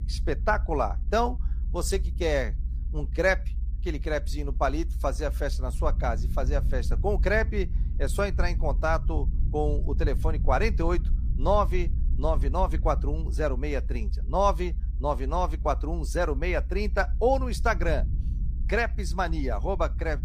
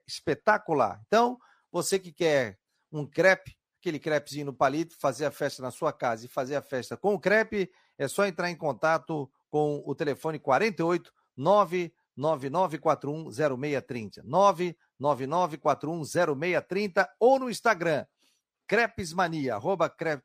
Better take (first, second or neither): second